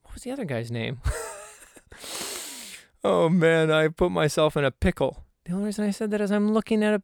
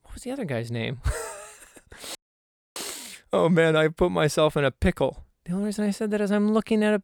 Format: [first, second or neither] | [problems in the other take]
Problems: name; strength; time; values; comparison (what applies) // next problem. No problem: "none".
first | audio freezing; at 2 s for 0.5 s